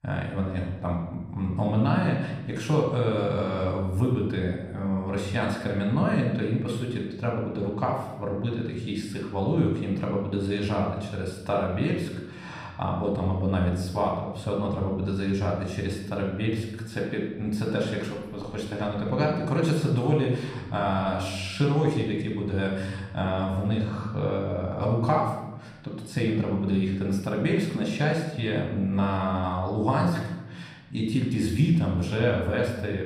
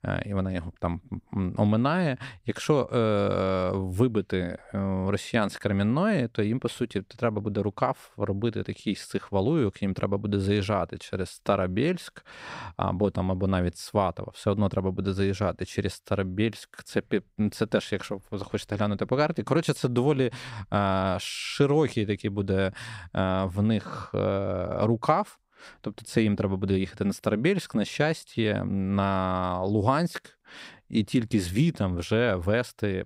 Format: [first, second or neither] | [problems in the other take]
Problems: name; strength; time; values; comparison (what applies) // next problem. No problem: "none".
second | off-mic speech; somewhat distant // room echo; noticeable; dies away in 1 s